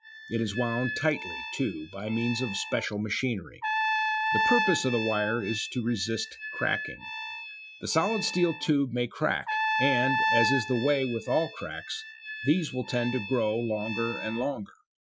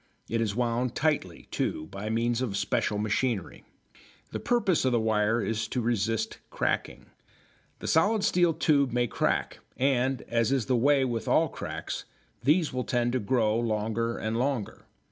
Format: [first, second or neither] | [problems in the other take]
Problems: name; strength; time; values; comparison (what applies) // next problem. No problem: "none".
second | noise reduction (classical method Wiener filter)